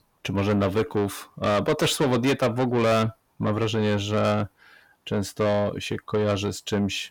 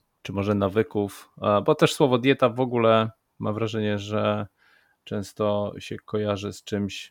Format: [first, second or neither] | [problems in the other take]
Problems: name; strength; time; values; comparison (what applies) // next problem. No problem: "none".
second | distortion; heavy; 6 dB below the speech